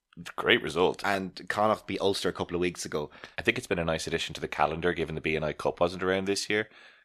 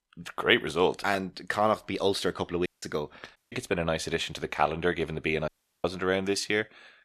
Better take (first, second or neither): first